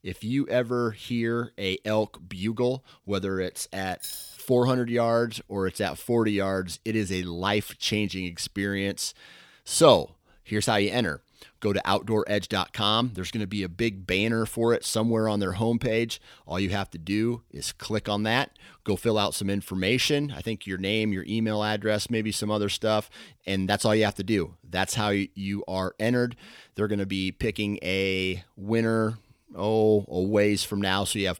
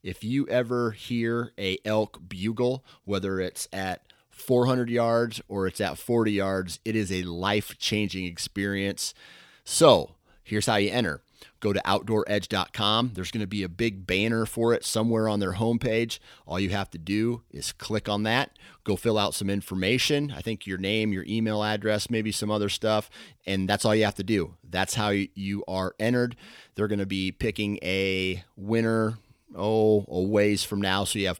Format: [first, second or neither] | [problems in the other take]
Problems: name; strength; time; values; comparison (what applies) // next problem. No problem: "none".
second | jangling keys; noticeable; at 4 s; peak 9 dB below the speech